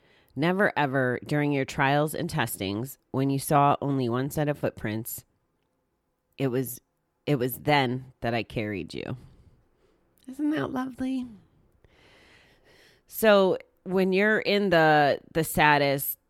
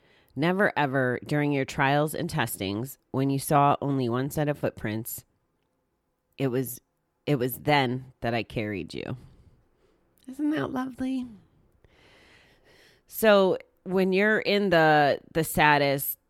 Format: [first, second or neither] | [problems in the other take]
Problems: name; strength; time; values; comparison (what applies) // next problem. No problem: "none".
neither | none